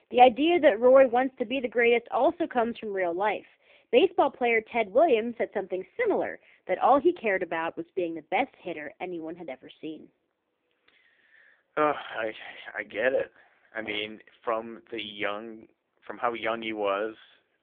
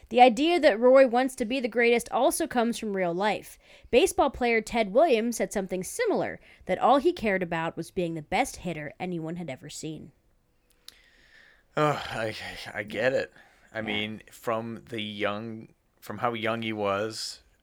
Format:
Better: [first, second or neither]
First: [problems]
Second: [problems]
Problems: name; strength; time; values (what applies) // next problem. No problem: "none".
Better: second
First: phone-call audio; poor line; nothing above 3.5 kHz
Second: none